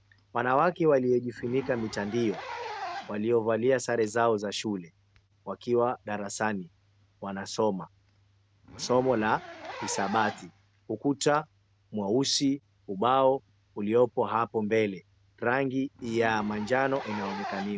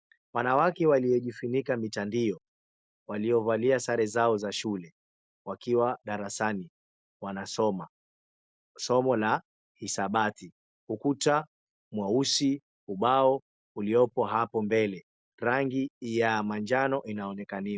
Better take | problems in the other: second | background sound (Zipper (clothing)); 16 dB below the speech

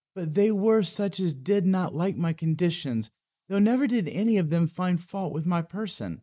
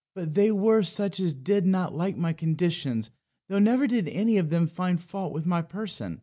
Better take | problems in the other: second | noise reduction (neural mask model Resemble Enhance denoiser)

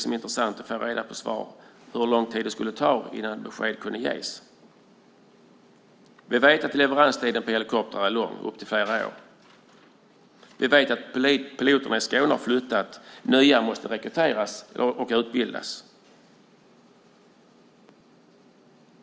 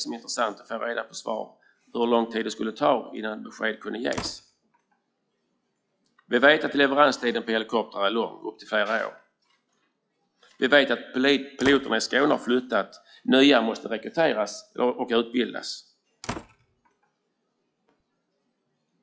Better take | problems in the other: first | noise reduction (classical method log-MMSE)

